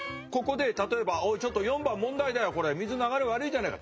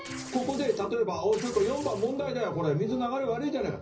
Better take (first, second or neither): first